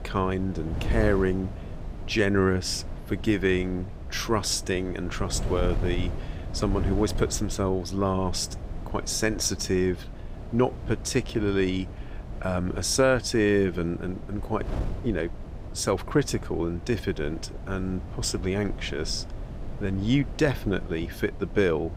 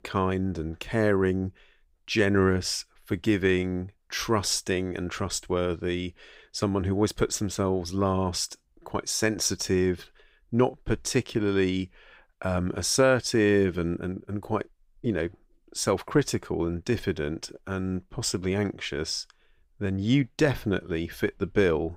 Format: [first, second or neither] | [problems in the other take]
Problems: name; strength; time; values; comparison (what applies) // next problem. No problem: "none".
second | wind noise on the microphone; occasional gusts; 15 dB below the speech